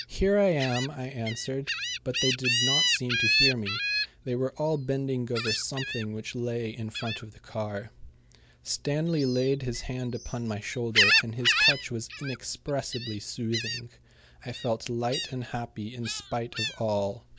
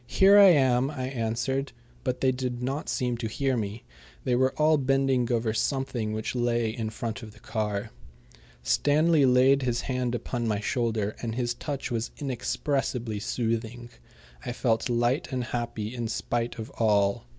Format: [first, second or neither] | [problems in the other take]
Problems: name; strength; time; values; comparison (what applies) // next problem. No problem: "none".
second | background sound (Gull, seagull); 1 dB below the speech